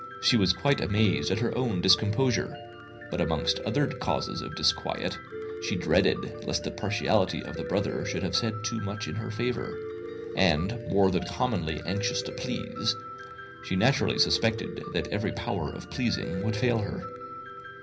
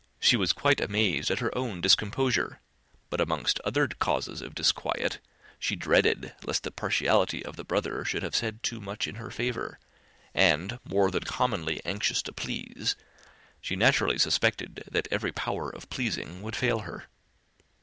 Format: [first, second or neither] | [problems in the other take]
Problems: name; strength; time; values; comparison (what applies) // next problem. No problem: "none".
second | background sound (Piano); 10 dB below the speech // room echo; dies away in 0.5 s